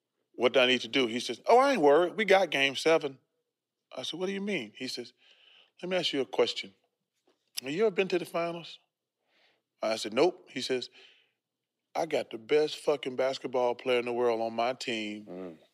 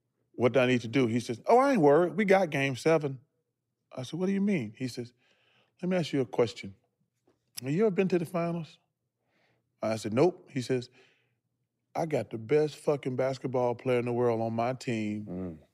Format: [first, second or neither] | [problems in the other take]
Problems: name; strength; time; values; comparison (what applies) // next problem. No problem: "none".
second | thin; very slightly; fading below 350 Hz